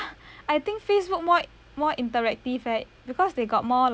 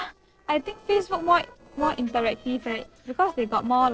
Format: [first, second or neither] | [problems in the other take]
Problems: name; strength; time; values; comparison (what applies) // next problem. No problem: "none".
first | noise reduction (neural separator model SepFormer DNS4)